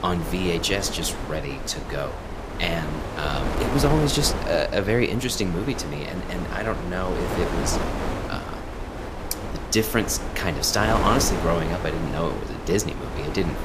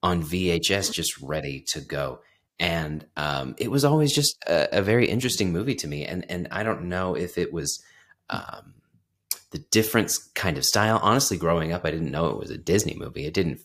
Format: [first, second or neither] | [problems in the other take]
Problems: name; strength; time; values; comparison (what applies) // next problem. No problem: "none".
second | wind noise on the microphone; heavy; 5 dB below the speech